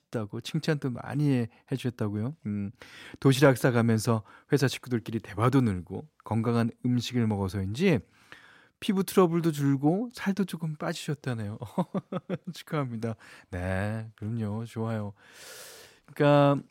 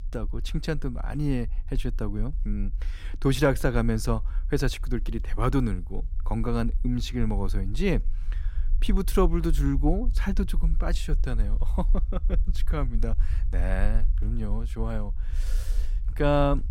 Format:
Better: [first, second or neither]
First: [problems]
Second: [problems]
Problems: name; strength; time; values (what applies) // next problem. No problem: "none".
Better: first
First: none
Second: low rumble; faint; throughout; 25 dB below the speech